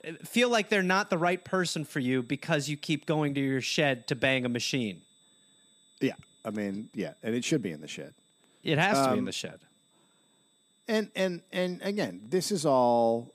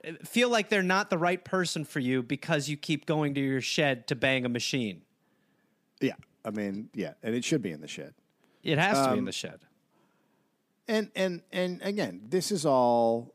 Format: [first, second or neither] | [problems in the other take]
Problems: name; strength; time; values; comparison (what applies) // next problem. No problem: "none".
second | high-pitched whine; faint; throughout; 3.5 kHz, 35 dB below the speech